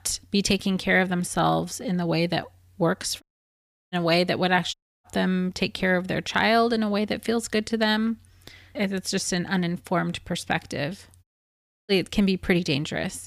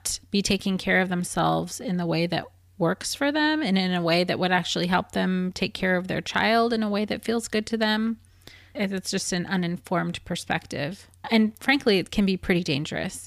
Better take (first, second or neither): second